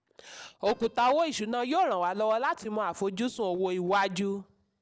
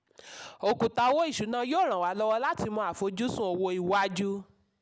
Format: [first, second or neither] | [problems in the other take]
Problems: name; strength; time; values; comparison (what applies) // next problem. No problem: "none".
second | noise reduction (neural separator model SepFormer DNS4)